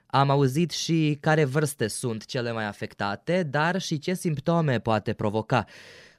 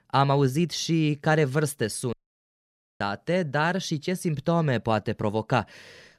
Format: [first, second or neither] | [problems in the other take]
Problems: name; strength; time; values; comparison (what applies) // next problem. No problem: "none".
first | audio cutting out; at 2 s for 1 s